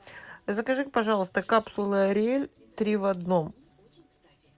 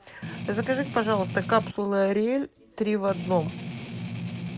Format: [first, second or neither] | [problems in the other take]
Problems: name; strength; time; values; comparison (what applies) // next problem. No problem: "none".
first | background sound (Strum); 7 dB below the speech